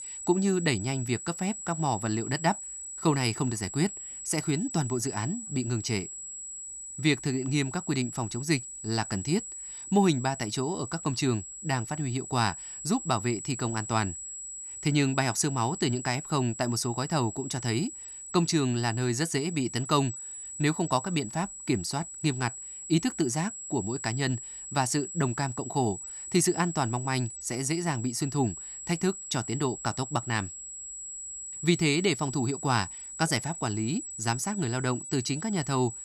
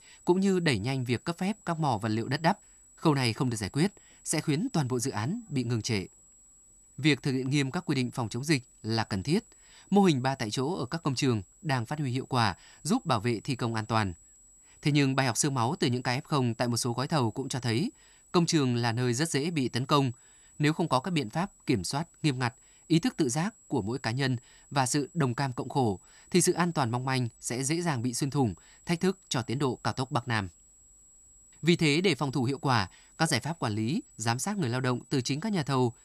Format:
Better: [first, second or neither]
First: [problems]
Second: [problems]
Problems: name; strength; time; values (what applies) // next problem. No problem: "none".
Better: second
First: high-pitched whine; loud; throughout; 8 kHz, 9 dB below the speech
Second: high-pitched whine; faint; throughout; 8 kHz, 25 dB below the speech